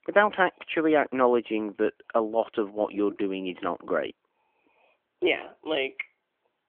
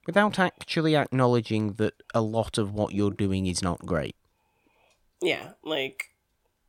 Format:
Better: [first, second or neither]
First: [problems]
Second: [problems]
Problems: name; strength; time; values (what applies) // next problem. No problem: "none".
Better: second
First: phone-call audio; nothing above 3.5 kHz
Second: none